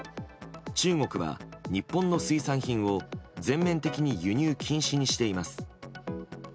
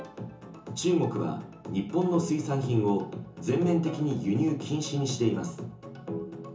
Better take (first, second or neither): first